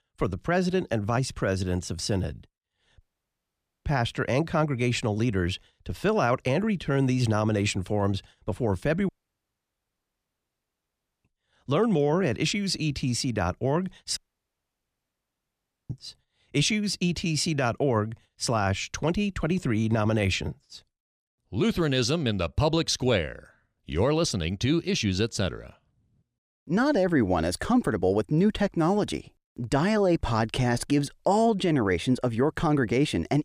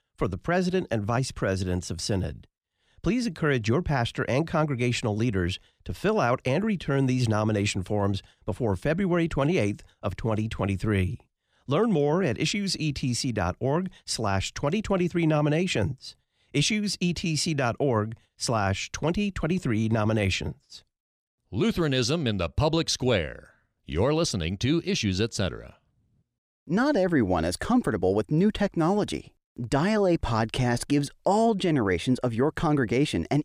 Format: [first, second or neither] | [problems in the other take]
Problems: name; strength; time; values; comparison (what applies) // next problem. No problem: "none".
second | audio cutting out; at 3 s for 1 s, at 9 s for 2 s and at 14 s for 1.5 s